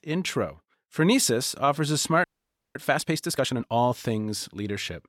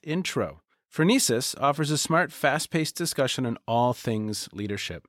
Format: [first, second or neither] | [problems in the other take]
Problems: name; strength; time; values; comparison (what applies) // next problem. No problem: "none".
second | audio freezing; at 2 s for 0.5 s